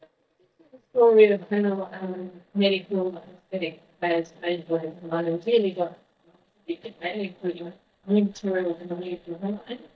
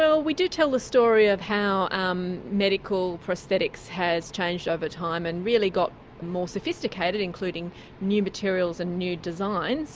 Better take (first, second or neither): second